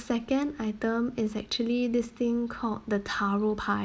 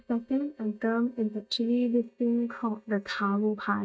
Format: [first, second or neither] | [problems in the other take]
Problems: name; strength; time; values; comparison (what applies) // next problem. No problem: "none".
first | noise reduction (neural mask model DeepFilterNet 3)